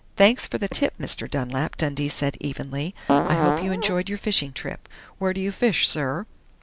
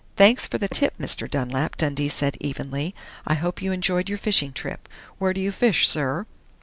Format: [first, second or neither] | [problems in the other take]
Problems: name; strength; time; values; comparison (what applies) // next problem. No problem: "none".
second | background sound (Fart); 3 dB above the speech